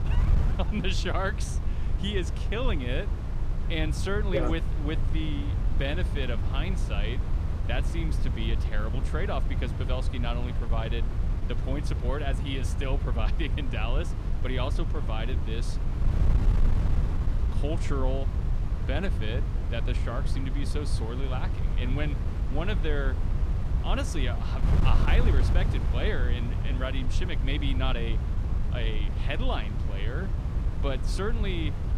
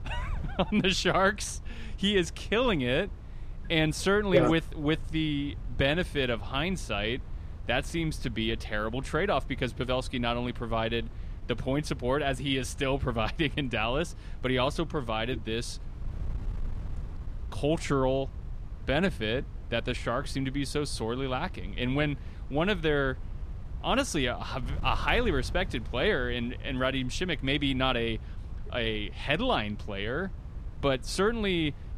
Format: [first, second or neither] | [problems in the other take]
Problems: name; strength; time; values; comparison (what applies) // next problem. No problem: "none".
second | wind noise on the microphone; heavy; 7 dB below the speech; occasional gusts in the second